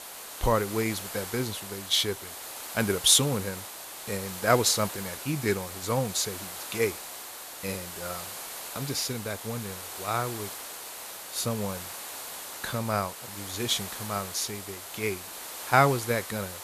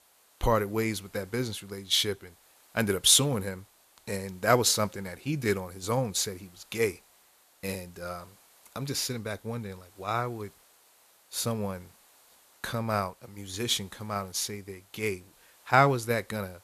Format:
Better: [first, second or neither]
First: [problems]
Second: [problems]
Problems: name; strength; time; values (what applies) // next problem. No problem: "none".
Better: second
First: hiss; loud; throughout; 9 dB below the speech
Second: hiss; faint; throughout; 30 dB below the speech